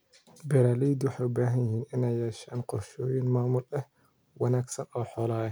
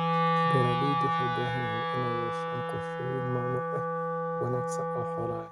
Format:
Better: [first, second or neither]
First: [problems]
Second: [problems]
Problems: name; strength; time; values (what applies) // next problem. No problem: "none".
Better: first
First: none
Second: noise reduction (neural mask model RNNoise)